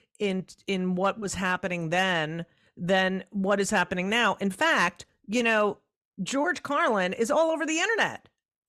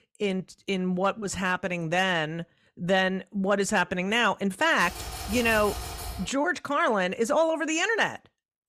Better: first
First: none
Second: keyboard typing; noticeable; from 5 to 6.5 s; peak 8 dB below the speech

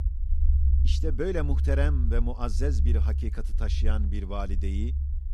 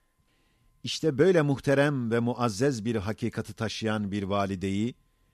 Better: second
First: low rumble; noticeable; throughout; 10 dB below the speech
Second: none

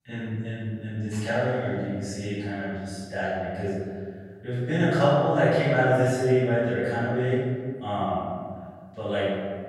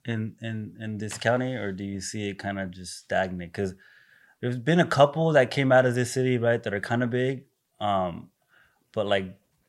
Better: second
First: off-mic speech; far // room echo; strong; dies away in 1.8 s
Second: none

